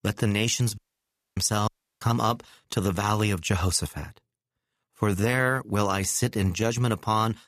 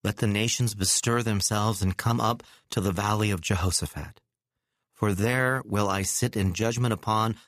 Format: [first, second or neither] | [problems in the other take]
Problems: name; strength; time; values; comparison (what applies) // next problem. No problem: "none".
second | audio cutting out; at 1 s for 0.5 s and at 1.5 s